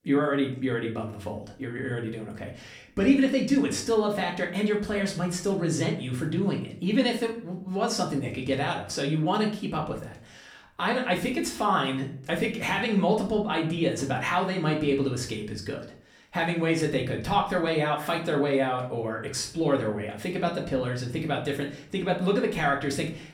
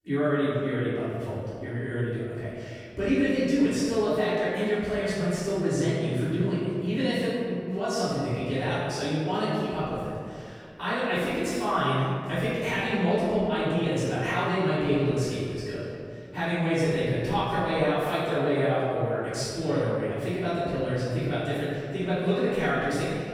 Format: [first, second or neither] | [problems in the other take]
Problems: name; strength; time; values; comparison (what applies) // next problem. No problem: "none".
first | room echo; strong; dies away in 2.1 s; slight in the first // off-mic speech; far; far in the first